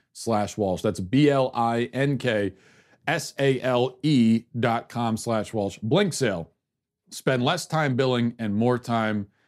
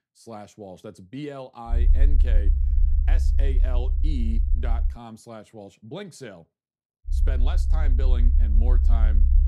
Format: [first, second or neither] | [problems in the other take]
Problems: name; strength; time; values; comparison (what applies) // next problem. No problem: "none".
first | low rumble; loud; from 1.5 to 5 s and from 7 s on; 5 dB below the speech